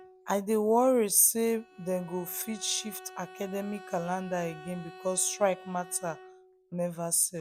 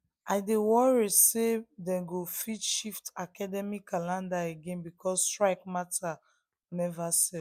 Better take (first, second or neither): second